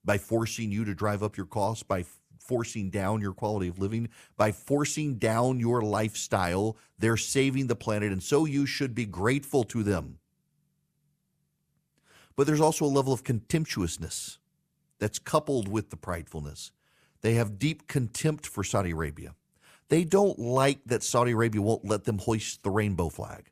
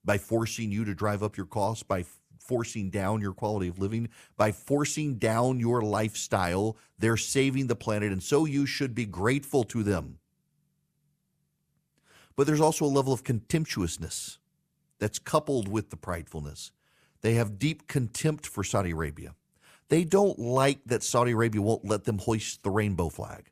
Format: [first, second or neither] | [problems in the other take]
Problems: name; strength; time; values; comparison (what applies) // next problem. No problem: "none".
neither | none